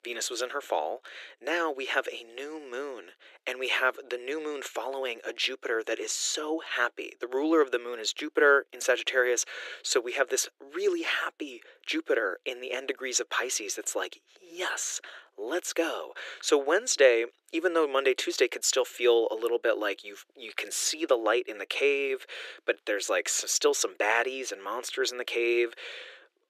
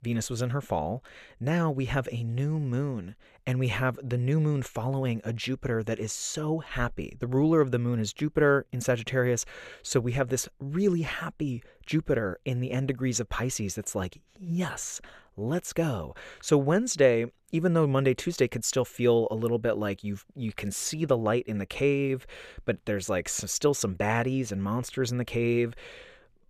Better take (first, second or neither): second